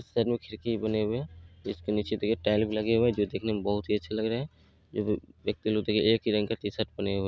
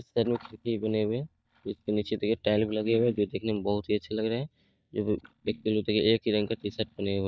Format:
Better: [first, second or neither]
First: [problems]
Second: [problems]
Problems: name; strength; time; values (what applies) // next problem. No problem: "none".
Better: first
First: none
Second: noise reduction (neural mask model DeepFilterNet 3)